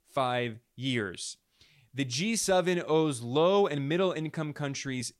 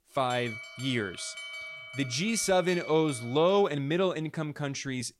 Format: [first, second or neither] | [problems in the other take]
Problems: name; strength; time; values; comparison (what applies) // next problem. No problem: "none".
first | alarm; noticeable; until 4 s; peak 9 dB below the speech